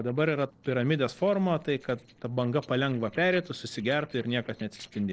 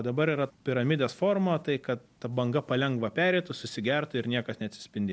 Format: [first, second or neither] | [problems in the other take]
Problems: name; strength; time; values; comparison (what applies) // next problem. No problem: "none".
second | noise reduction (neural separator model SepFormer DNS4)